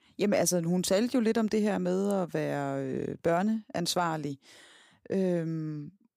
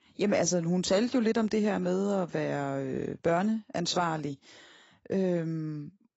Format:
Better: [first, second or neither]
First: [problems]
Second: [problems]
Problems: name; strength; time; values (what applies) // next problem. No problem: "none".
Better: first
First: none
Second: garbled, watery; badly; nothing above 7.5 kHz